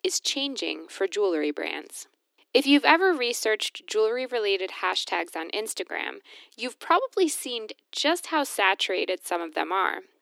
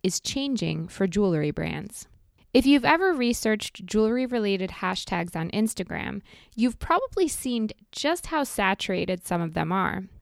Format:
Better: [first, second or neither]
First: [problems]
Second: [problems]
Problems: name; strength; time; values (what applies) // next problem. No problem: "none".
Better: second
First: thin; somewhat; fading below 300 Hz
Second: none